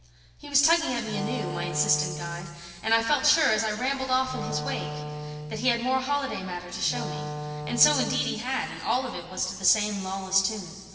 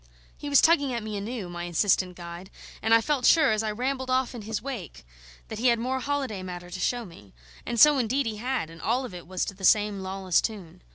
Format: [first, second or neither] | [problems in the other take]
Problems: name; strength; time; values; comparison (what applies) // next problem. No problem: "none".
second | background sound (Wind instrument, woodwind instrument); 8 dB below the speech // room echo; dies away in 2.9 s